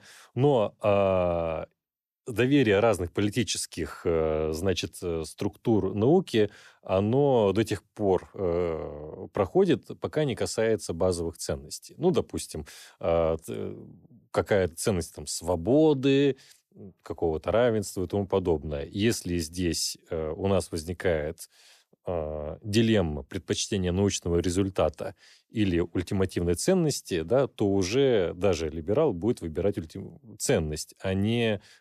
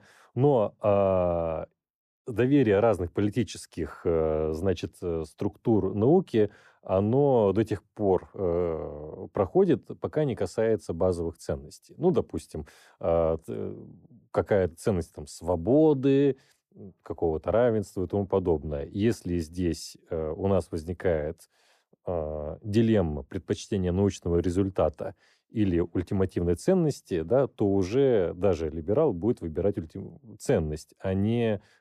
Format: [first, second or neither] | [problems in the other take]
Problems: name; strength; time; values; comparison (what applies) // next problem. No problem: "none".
first | muffled; slightly; fading above 2 kHz